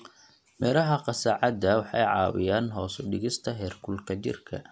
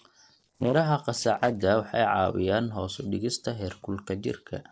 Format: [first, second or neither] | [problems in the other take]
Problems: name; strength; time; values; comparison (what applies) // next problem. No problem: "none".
first | noise reduction (neural separator model SepFormer DNS4)